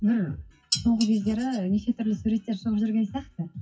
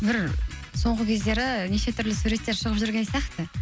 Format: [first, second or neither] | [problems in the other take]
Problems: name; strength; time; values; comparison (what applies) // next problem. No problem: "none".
second | noise reduction (classical method WPE with log-MMSE)